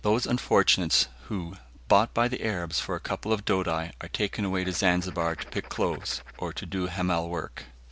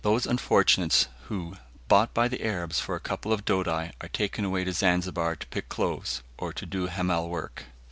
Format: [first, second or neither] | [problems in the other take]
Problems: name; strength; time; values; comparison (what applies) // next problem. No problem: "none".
second | background sound (Writing); 20 dB below the speech